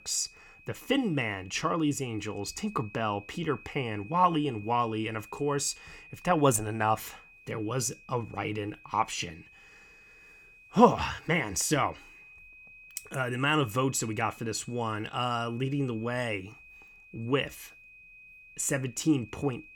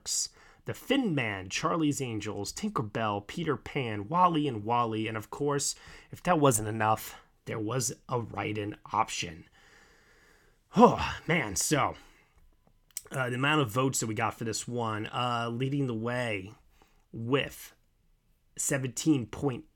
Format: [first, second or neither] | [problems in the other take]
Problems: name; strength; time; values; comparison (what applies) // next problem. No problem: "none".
second | high-pitched whine; faint; throughout; 2.5 kHz, 20 dB below the speech